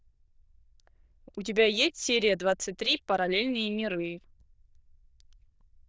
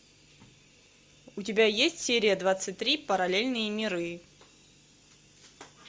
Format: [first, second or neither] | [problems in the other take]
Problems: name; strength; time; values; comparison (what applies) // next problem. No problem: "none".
second | noise reduction (neural diffusion model UNIVERSE++)